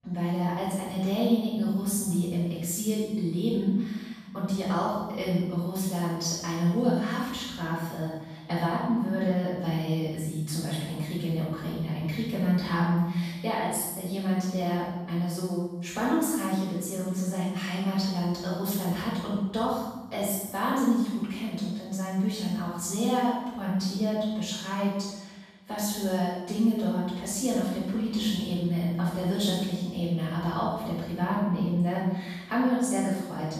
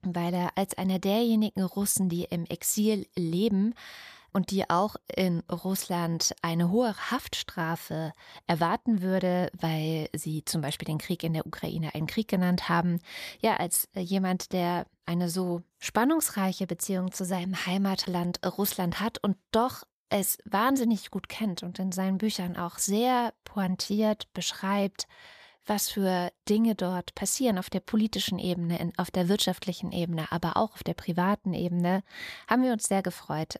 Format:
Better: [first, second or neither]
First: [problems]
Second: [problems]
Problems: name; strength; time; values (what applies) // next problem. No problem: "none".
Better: second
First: off-mic speech; far // room echo; strong; dies away in 1 s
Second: none